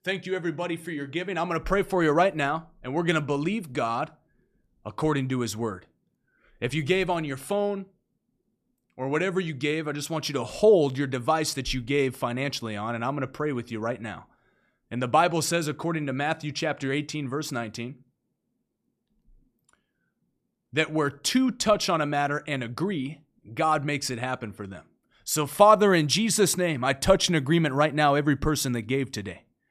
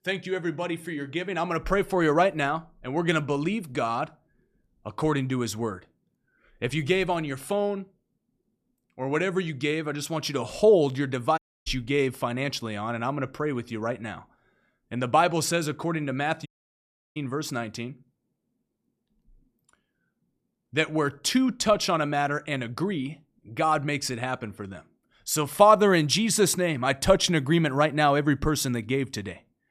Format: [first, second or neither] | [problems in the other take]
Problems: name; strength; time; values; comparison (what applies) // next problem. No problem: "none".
first | audio cutting out; at 11 s and at 16 s for 0.5 s